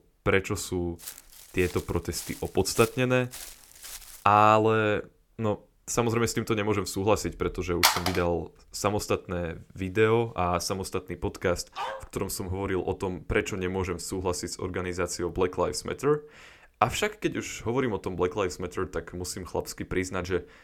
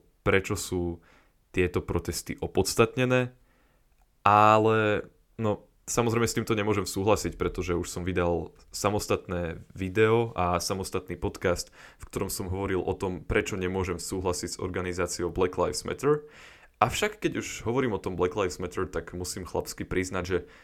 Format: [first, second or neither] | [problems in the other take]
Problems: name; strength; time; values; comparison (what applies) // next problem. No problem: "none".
second | footsteps; faint; from 1 to 4 s; peak 10 dB below the speech // phone ringing; loud; at 8 s; peak 5 dB above the speech // dog barking; noticeable; at 12 s; peak 7 dB below the speech